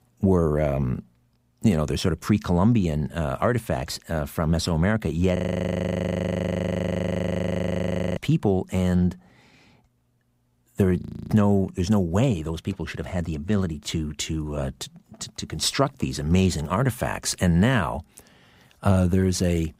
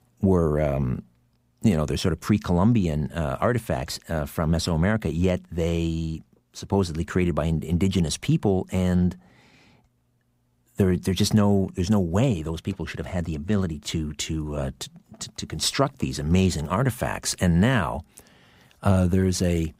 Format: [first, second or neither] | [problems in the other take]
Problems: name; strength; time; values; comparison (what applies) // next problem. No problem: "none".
second | audio freezing; at 5.5 s for 3 s and at 11 s